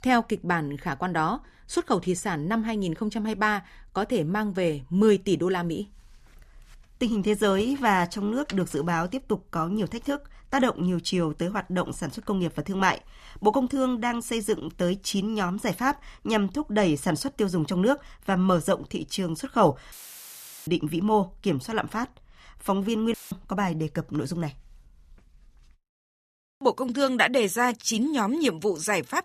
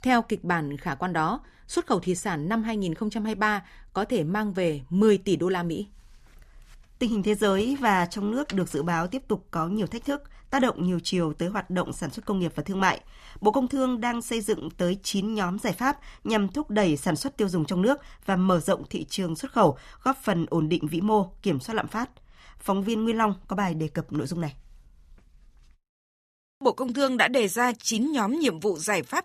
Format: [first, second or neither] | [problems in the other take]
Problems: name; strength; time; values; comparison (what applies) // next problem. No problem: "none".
second | audio cutting out; filled with static; at 20 s for 1 s and at 23 s